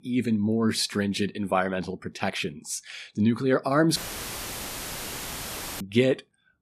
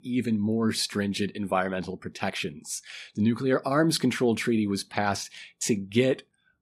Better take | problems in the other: second | audio cutting out; filled with static; at 4 s for 2 s

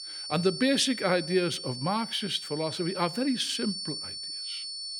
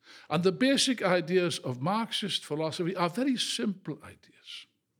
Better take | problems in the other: second | high-pitched whine; loud; throughout; 4.5 kHz, 7 dB below the speech

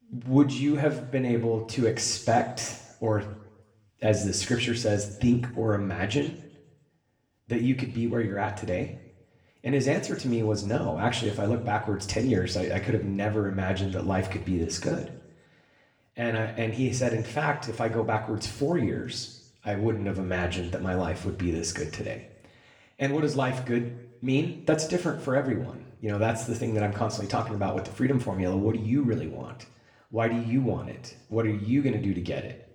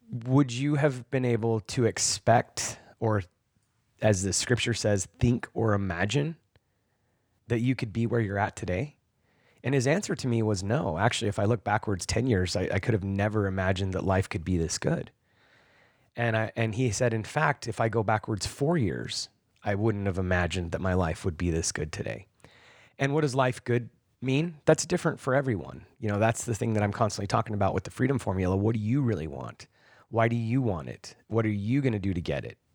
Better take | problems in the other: second | room echo; slight; dies away in 0.6 s // off-mic speech; somewhat distant

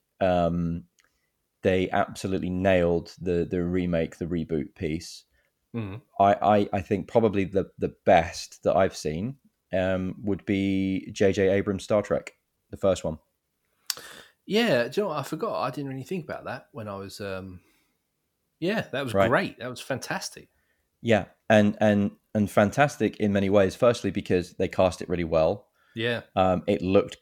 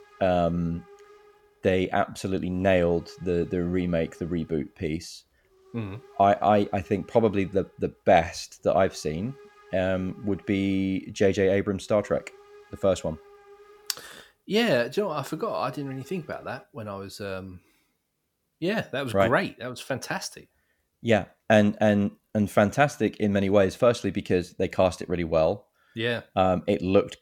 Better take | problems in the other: first | hiss; faint; until 17 s; 25 dB below the speech

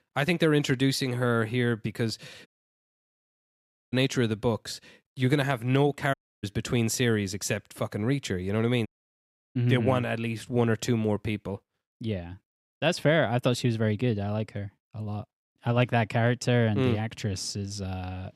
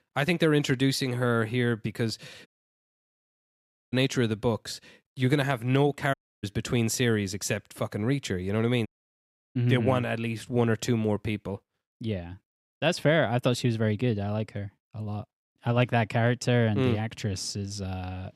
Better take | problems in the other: neither | audio cutting out; at 2.5 s for 1.5 s, at 6 s and at 9 s for 0.5 s; the same in both

